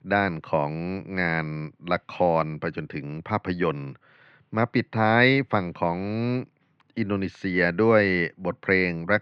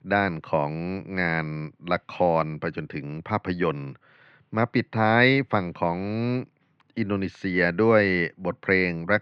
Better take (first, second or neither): neither